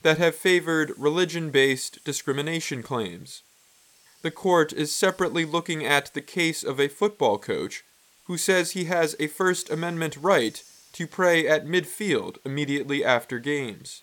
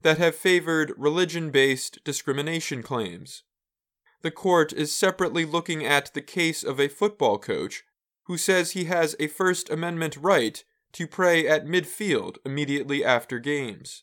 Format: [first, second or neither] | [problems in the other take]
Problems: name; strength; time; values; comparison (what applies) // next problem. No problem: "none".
second | hiss; faint; throughout; 30 dB below the speech